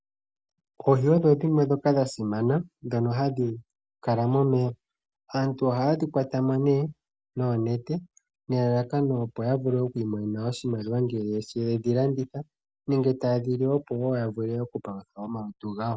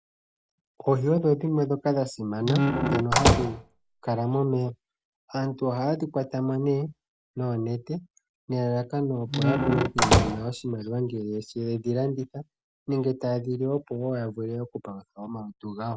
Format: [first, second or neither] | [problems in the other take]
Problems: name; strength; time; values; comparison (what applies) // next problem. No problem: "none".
first | background sound (Squeak / Slam / Wood); 4 dB above the speech